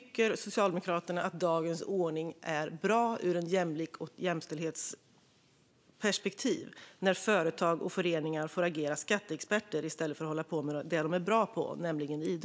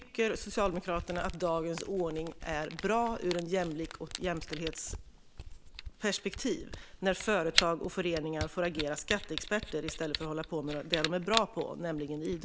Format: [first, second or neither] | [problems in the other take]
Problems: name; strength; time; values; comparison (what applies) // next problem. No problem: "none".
first | background sound (Camera); 7 dB below the speech